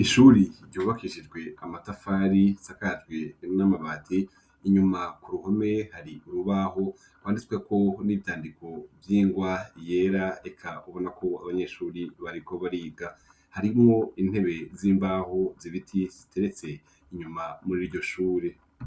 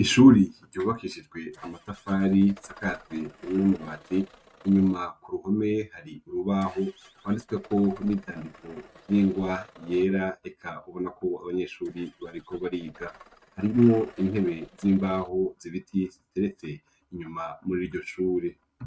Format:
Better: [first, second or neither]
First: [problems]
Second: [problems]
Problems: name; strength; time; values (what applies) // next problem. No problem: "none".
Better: first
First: none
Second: noise reduction (neural mask model RNNoise)